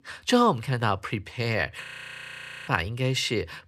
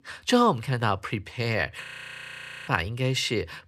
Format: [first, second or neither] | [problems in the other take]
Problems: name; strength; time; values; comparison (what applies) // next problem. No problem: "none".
neither | audio freezing; at 2 s for 1 s; the same in both